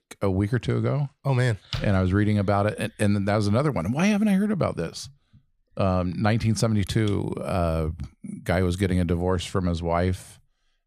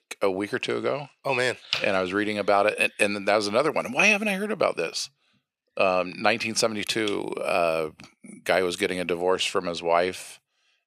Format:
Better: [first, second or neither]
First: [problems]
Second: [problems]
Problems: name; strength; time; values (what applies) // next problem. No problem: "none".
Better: first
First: none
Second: thin; very; fading below 450 Hz